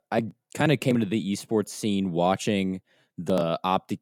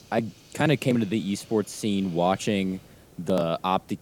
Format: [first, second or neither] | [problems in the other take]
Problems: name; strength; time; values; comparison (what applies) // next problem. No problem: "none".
first | hiss; faint; throughout; 25 dB below the speech